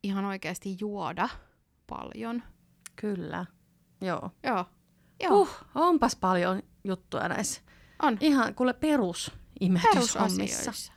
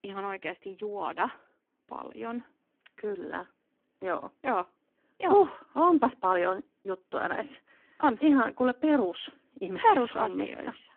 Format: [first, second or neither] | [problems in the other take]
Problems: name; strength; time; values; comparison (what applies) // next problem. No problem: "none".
first | phone-call audio; poor line